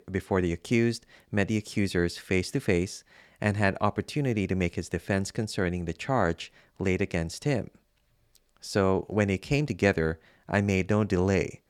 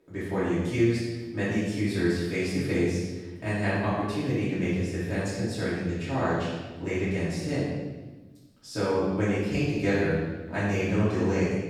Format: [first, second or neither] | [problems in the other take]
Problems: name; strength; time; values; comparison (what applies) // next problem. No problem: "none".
first | off-mic speech; far // room echo; strong; dies away in 1.1 s